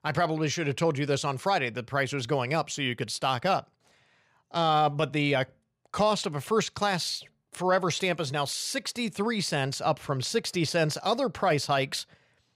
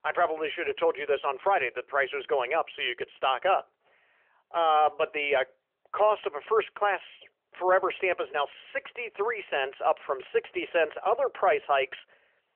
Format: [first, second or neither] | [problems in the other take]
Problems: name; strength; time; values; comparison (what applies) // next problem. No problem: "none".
first | phone-call audio; nothing above 3 kHz